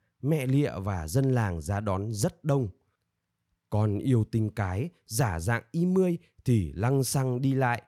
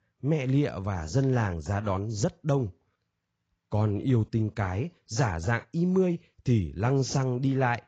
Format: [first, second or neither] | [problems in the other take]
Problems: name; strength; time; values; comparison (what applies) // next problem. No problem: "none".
first | garbled, watery; badly; nothing above 7.5 kHz